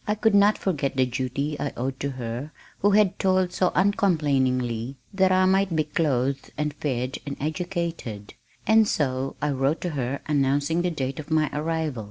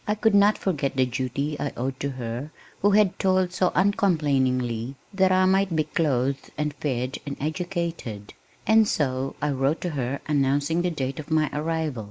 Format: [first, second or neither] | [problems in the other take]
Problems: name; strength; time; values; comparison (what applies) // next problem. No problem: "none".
first | noise reduction (neural mask model Resemble Enhance denoiser)